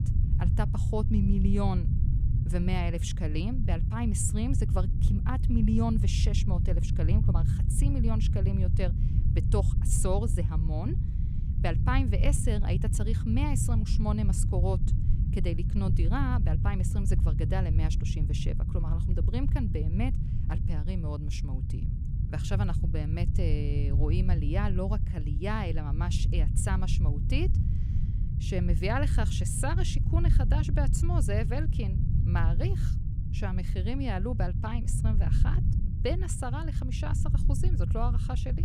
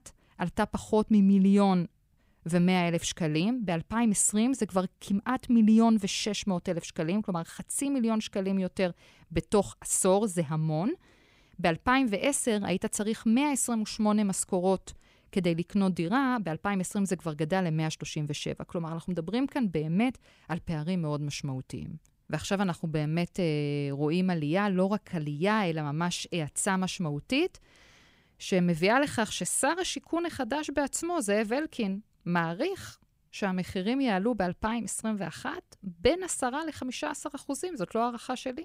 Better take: second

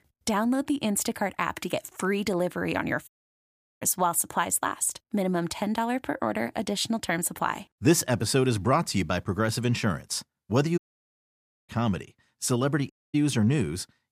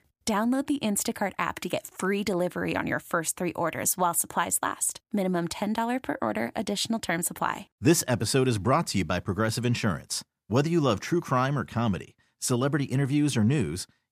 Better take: second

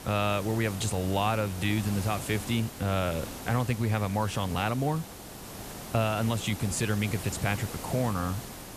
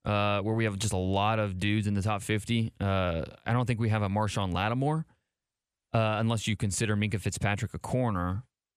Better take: second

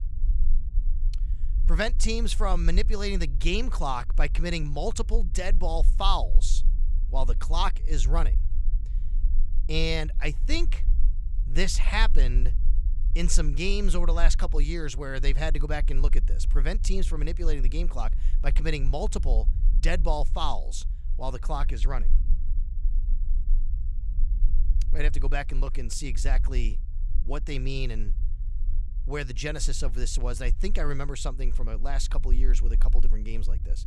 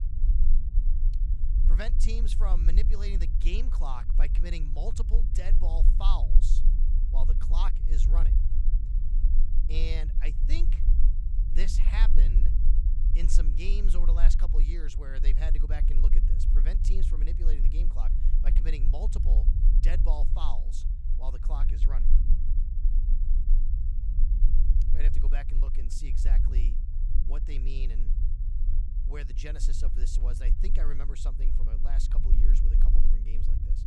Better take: first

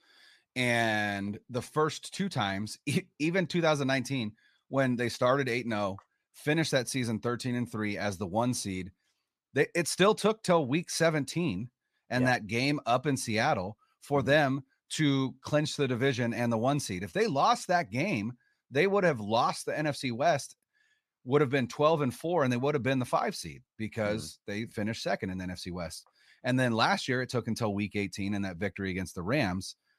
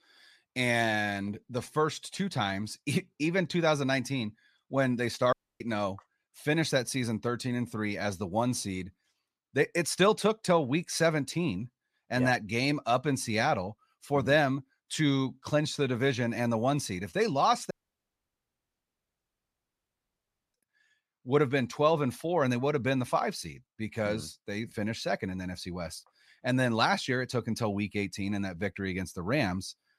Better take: first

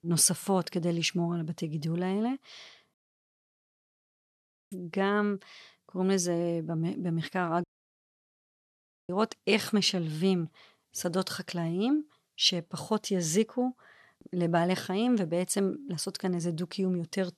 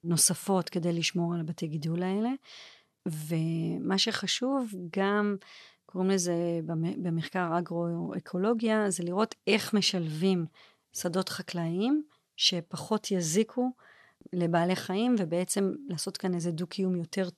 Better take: second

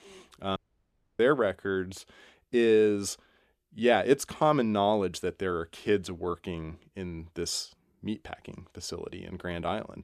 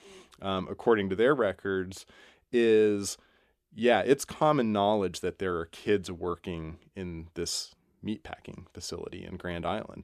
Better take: second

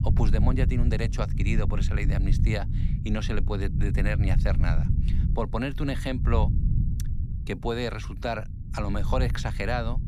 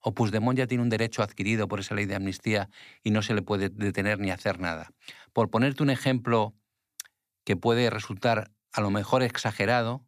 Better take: second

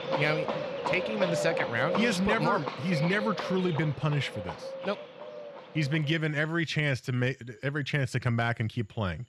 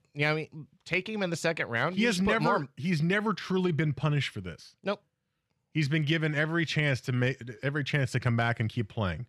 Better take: second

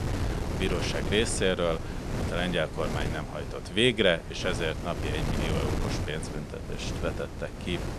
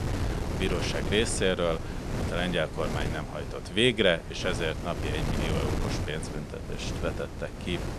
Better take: neither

